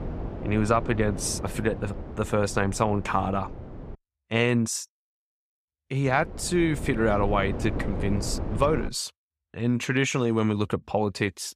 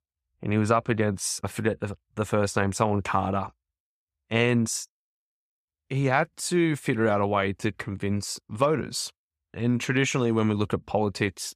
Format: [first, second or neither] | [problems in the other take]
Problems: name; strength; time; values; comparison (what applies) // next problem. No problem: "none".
second | wind noise on the microphone; occasional gusts; until 4 s and from 6 to 9 s; 15 dB below the speech